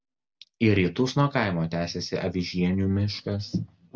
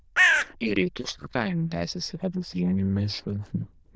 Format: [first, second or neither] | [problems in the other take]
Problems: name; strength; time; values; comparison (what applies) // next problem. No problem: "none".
first | noise reduction (neural diffusion model UNIVERSE++)